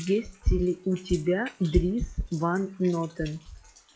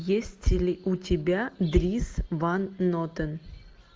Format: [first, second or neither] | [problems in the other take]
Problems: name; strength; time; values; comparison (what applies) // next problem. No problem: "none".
second | noise reduction (classical method log-MMSE)